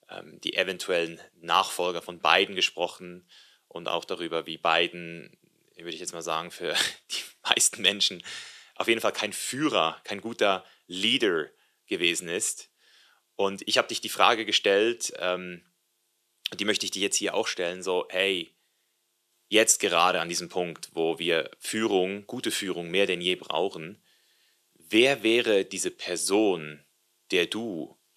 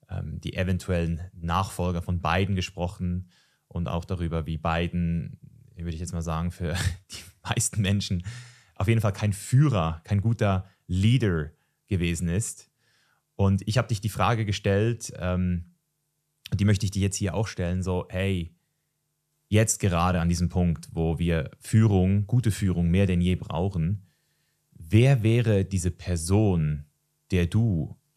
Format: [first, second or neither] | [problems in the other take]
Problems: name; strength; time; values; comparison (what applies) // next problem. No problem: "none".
second | thin; very; fading below 350 Hz